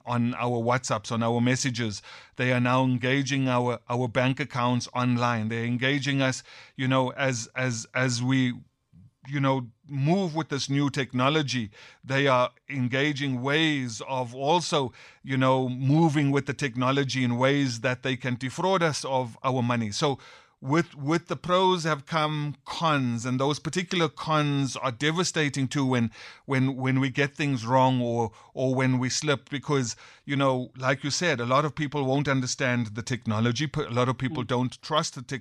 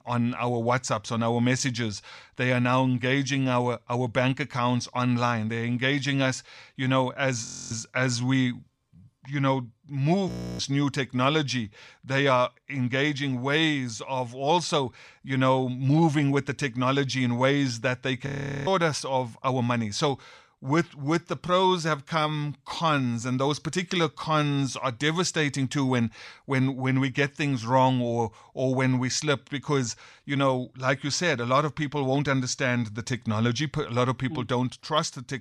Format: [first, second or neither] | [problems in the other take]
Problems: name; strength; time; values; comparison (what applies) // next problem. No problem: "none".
first | audio freezing; at 7.5 s, at 10 s and at 18 s